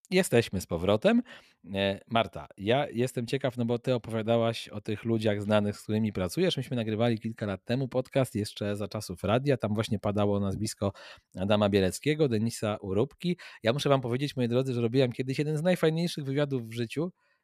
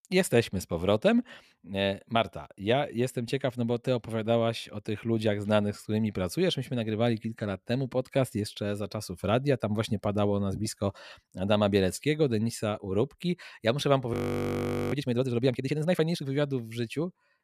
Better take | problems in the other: first | audio freezing; at 14 s for 1 s

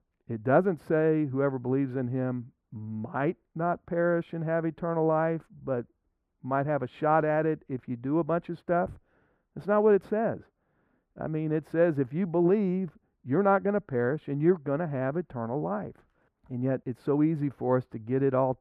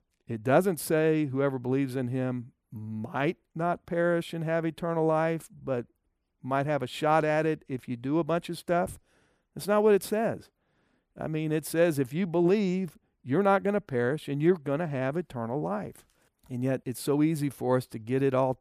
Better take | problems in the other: second | muffled; very; fading above 3 kHz

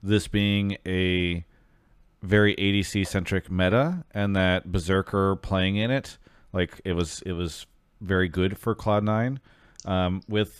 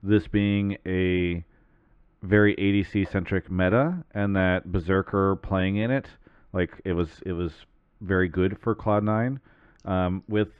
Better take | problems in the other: first | muffled; very; fading above 2 kHz

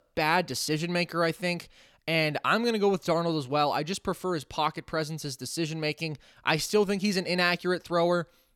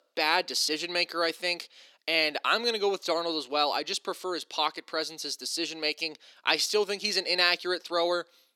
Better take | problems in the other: first | thin; somewhat; fading below 300 Hz

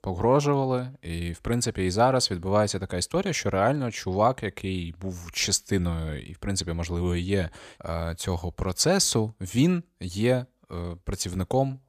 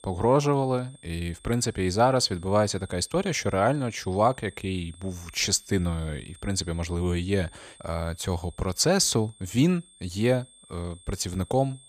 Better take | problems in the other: first | high-pitched whine; faint; throughout; 3.5 kHz, 25 dB below the speech

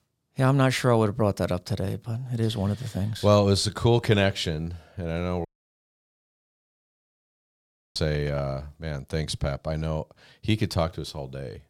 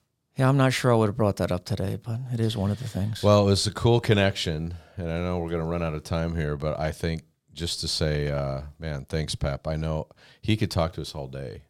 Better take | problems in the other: second | audio cutting out; at 5.5 s for 2.5 s

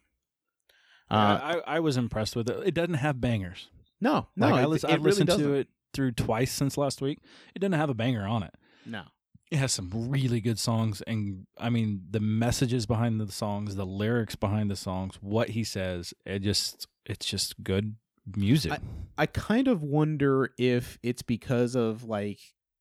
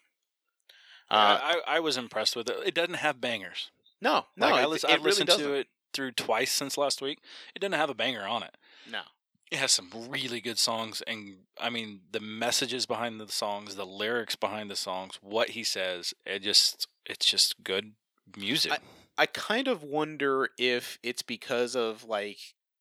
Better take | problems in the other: first | thin; somewhat; fading below 500 Hz

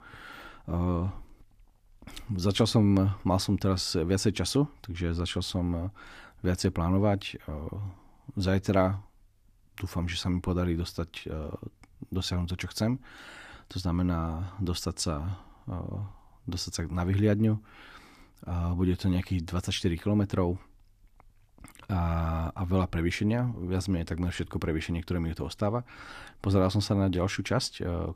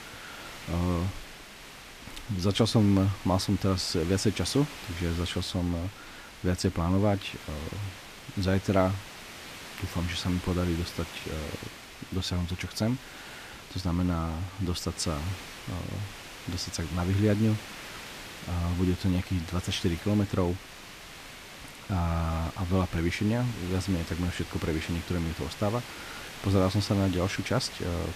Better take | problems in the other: first | hiss; noticeable; throughout; 15 dB below the speech

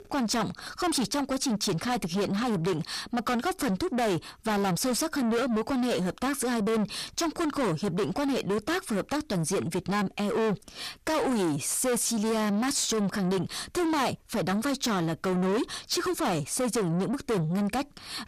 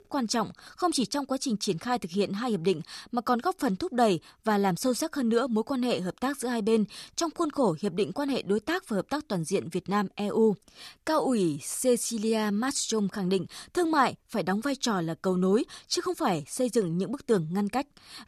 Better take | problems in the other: second | distortion; heavy; 6 dB below the speech

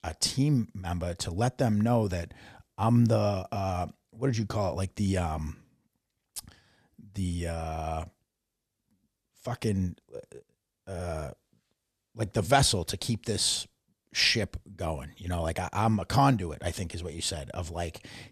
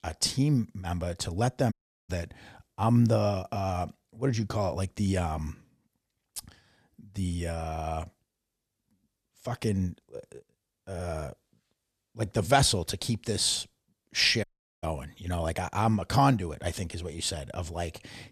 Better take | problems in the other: first | audio cutting out; at 1.5 s and at 14 s

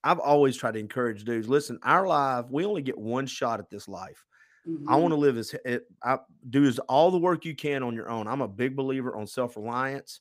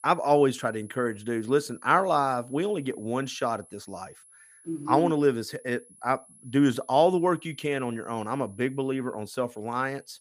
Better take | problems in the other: first | high-pitched whine; faint; throughout; 10.5 kHz, 25 dB below the speech

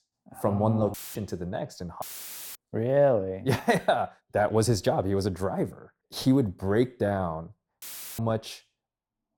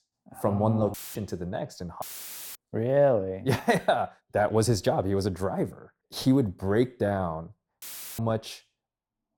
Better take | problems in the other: neither | audio cutting out; filled with static; at 1 s, at 2 s for 0.5 s and at 8 s; the same in both

